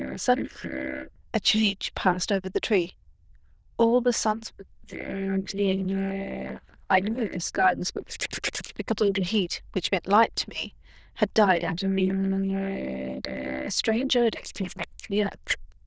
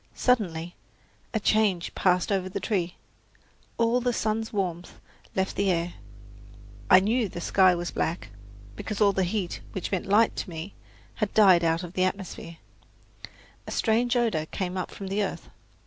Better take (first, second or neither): second